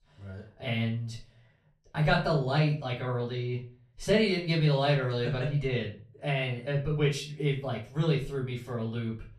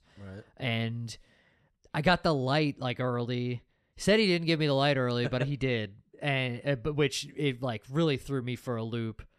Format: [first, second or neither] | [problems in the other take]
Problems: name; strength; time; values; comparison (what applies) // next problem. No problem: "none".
second | off-mic speech; far // room echo; slight; dies away in 0.3 s